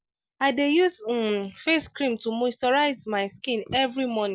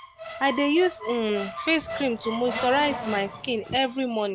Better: first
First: none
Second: background sound (Race car, auto racing / Accelerating, revving, vroom + Squeak); 10 dB below the speech

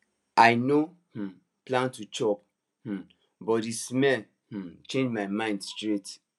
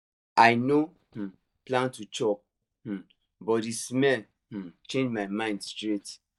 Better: first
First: none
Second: noise reduction (neural mask model DeepFilterNet 3)

